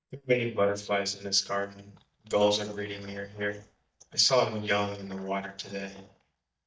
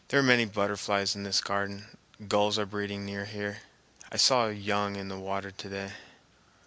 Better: second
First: noise reduction (neural mask model DeepFilterNet 3)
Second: none

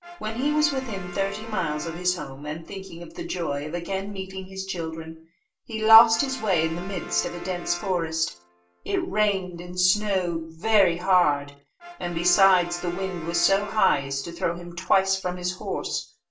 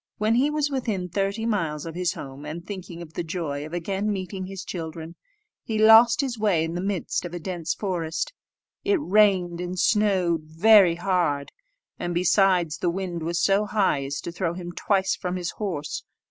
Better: second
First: background sound (Brass instrument); 18 dB below the speech // room echo; dies away in 0.3 s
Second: none

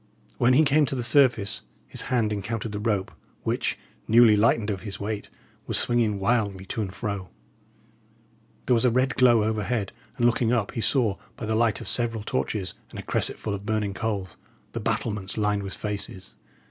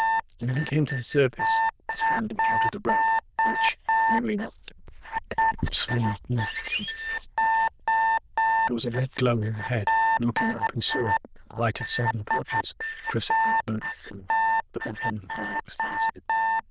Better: first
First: none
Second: noise reduction (neural diffusion model UNIVERSE++)

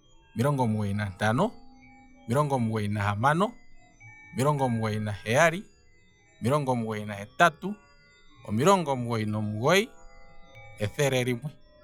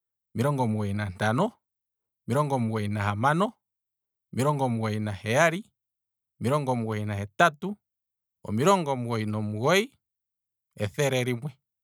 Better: second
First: noise reduction (classical method log-MMSE)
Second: none

